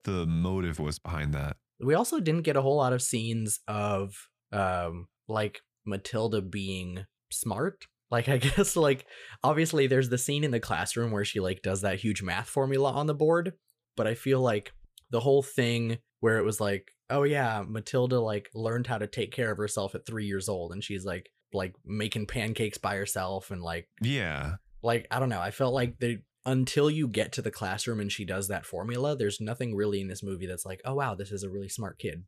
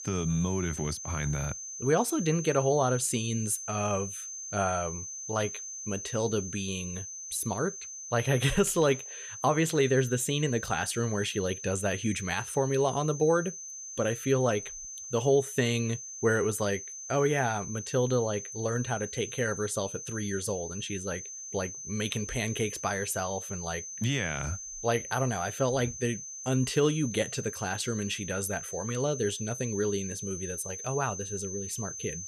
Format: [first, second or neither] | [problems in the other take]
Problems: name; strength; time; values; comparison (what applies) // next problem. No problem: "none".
first | high-pitched whine; loud; throughout; 6 kHz, 8 dB below the speech